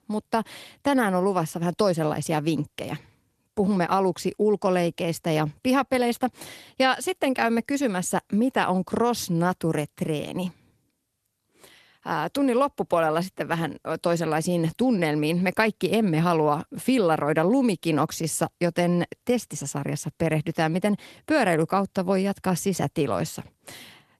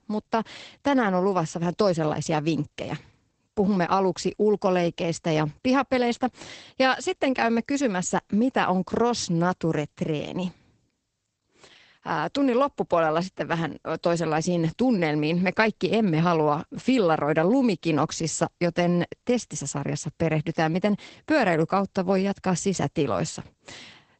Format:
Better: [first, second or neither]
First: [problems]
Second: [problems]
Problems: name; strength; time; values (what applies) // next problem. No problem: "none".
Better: first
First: garbled, watery; slightly; nothing above 13.5 kHz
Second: garbled, watery; badly; nothing above 8 kHz